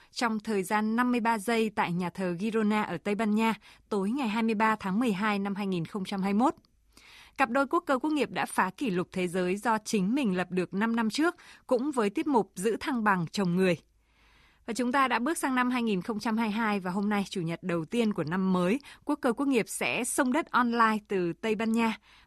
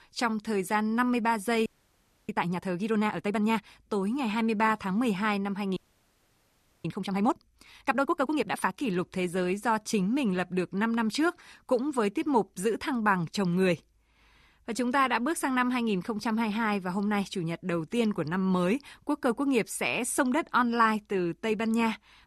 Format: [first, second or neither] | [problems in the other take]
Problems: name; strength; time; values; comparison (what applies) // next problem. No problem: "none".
first | audio freezing; at 1.5 s for 0.5 s and at 6 s for 1 s